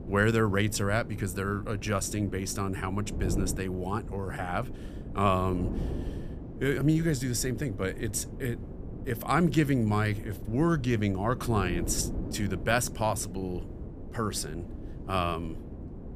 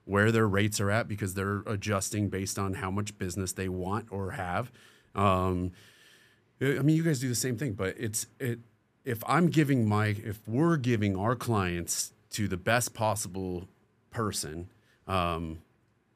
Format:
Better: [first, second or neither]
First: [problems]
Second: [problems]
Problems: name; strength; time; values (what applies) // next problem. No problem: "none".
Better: second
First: wind noise on the microphone; occasional gusts; 15 dB below the speech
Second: none